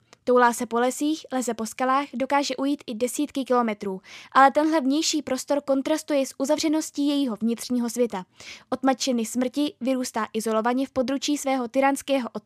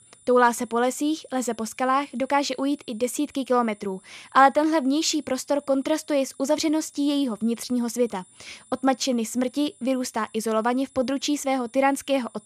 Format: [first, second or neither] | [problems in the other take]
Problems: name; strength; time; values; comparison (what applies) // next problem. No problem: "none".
first | high-pitched whine; faint; throughout; 9.5 kHz, 30 dB below the speech